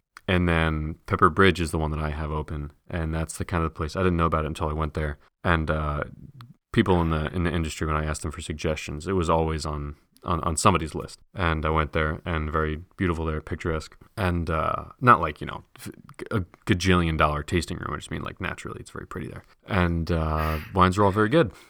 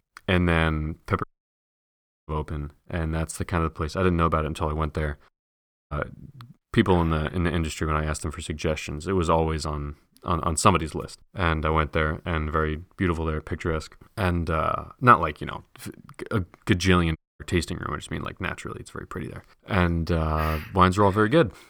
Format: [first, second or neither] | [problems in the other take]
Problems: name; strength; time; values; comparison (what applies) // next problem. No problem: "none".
first | audio cutting out; at 1 s for 1 s, at 5.5 s for 0.5 s and at 17 s